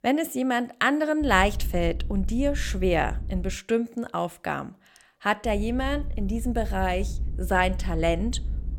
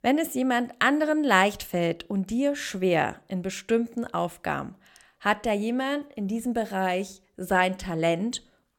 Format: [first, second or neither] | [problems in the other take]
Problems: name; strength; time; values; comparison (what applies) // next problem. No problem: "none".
second | low rumble; faint; from 1 to 3.5 s and from 5.5 s on; 25 dB below the speech